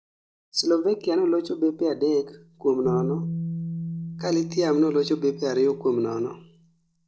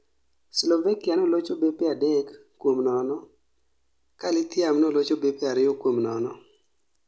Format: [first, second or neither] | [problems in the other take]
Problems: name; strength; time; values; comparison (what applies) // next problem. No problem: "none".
second | noise reduction (neural mask model DeepFilterNet 3)